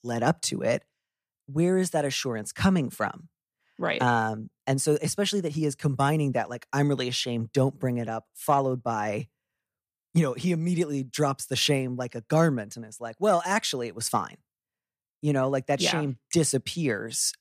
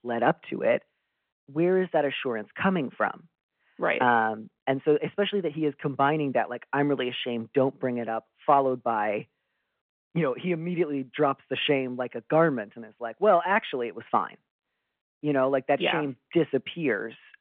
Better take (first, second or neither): first